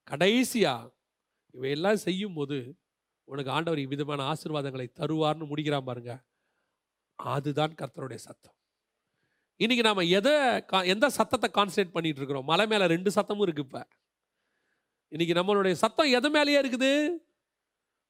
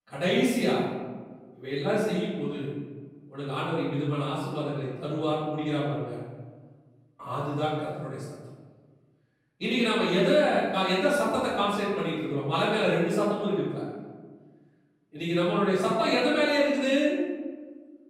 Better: first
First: none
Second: room echo; strong; dies away in 1.3 s // off-mic speech; far

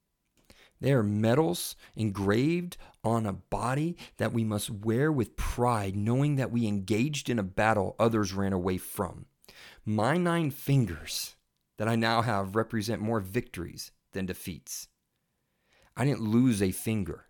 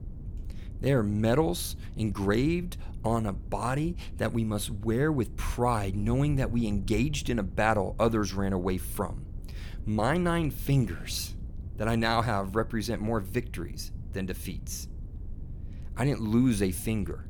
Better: first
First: none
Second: wind noise on the microphone; occasional gusts; 25 dB below the speech

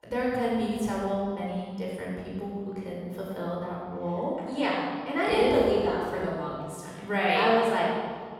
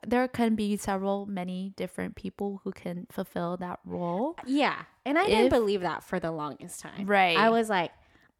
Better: second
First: off-mic speech; far // room echo; strong; dies away in 1.9 s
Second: none

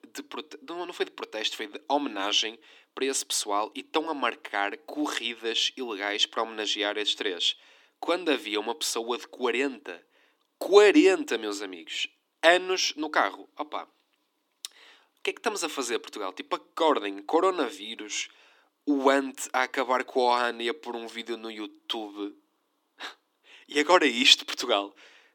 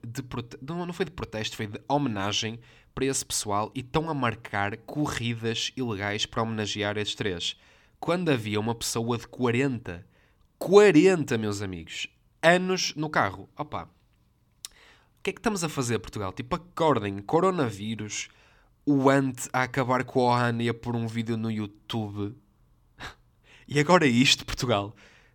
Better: second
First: thin; somewhat; fading below 300 Hz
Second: none

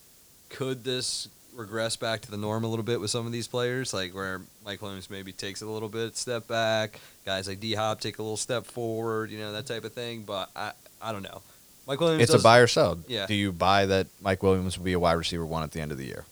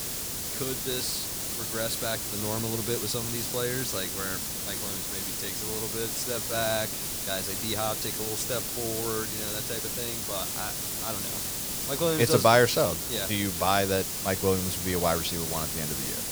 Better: first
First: hiss; faint; throughout; 25 dB below the speech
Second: hiss; loud; throughout; as loud as the speech

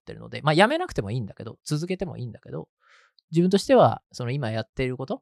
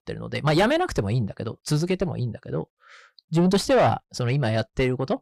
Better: first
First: none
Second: distortion; heavy; 6 dB below the speech

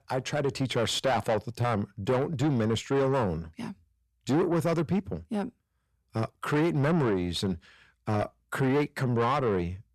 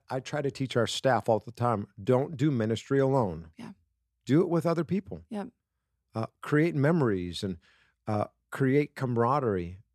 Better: second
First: distortion; heavy; 7 dB below the speech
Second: none

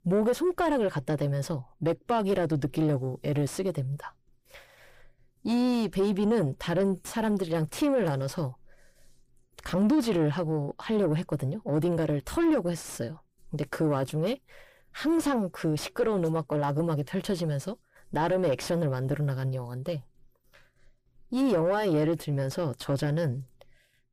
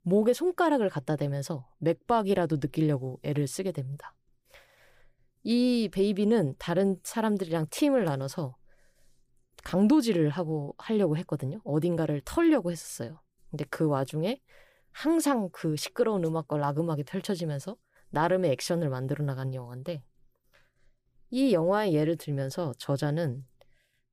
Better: second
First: distortion; slight; 8 dB below the speech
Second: none

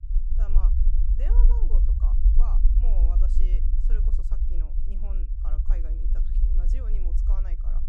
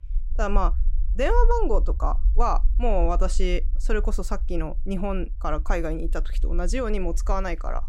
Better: second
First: low rumble; loud; throughout; as loud as the speech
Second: low rumble; faint; throughout; 25 dB below the speech

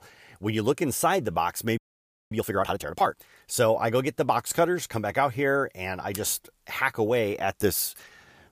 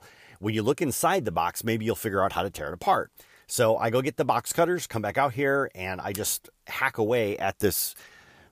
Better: second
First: audio freezing; at 2 s for 0.5 s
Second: none

